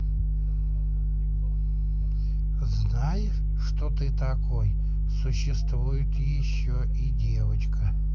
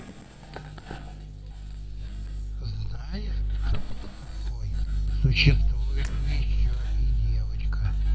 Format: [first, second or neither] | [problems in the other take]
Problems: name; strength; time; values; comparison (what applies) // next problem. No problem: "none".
first | noise reduction (neural mask model DeepFilterNet 3)